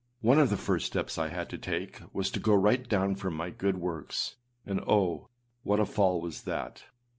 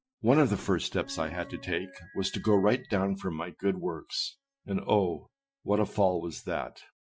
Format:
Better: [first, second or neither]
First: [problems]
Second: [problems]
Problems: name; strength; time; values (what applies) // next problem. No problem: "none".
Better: first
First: none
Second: noise reduction (classical method Wiener filter)